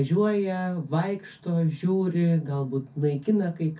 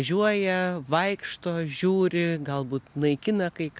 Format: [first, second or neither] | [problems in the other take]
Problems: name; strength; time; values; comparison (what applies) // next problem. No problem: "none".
second | room echo; dies away in 0.3 s